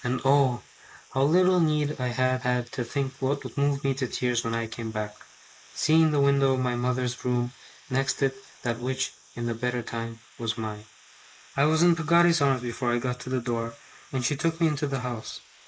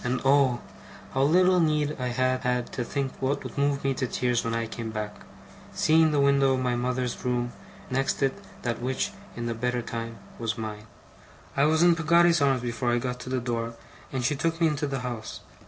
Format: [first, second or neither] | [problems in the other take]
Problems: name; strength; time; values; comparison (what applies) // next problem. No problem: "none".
second | noise reduction (neural mask model Resemble Enhance denoiser)